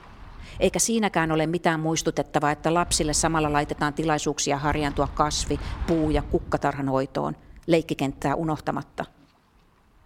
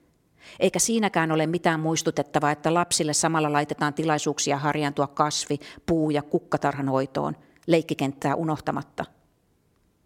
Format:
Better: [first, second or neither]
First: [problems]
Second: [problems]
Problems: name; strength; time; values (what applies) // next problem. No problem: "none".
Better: second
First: wind noise on the microphone; occasional gusts; 20 dB below the speech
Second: none